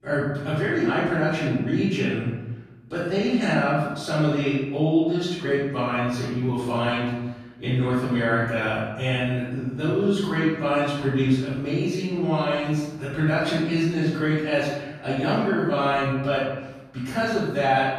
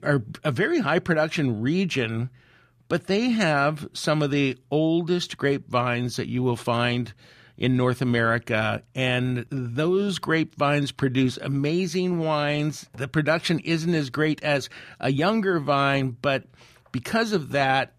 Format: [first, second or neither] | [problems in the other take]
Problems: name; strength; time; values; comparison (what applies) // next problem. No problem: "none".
second | off-mic speech; far // room echo; strong; dies away in 1 s